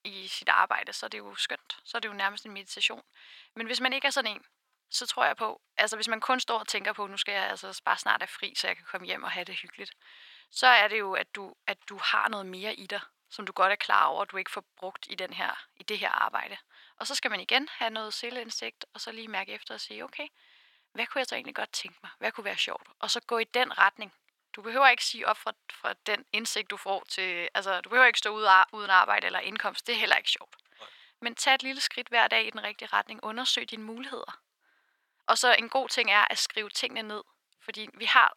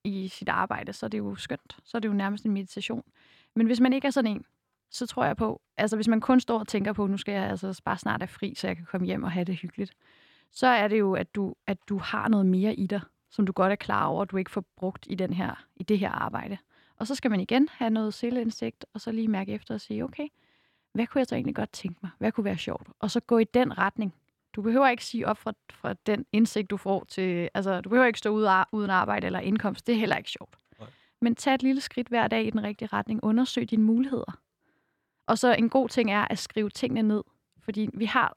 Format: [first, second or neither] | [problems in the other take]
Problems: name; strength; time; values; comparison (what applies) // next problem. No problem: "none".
second | thin; very; fading below 950 Hz